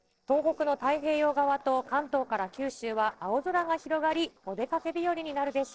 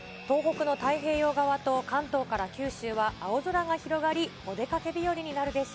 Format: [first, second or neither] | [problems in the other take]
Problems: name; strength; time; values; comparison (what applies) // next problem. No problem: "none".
second | noise reduction (neural separator model SepFormer DNS4)